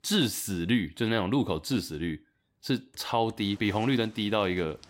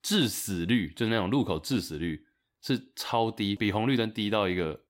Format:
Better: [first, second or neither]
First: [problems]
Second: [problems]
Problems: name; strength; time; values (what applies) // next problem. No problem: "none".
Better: second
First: household noises; faint; throughout; 25 dB below the speech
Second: none